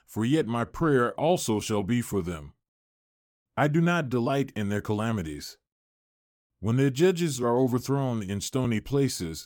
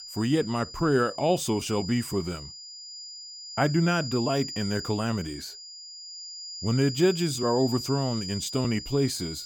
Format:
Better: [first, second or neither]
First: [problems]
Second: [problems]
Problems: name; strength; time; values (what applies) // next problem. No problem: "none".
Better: first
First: none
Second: high-pitched whine; loud; throughout; 5 kHz, 10 dB below the speech